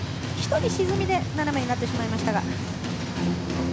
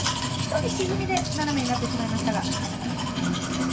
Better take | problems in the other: first | background sound (Domestic sounds, home sounds); 6 dB below the speech // room echo; dies away in 0.2 s

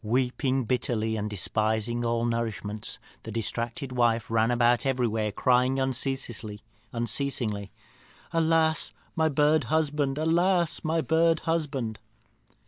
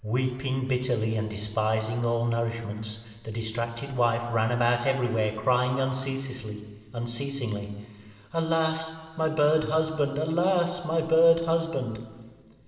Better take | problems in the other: first | room echo; dies away in 2.1 s

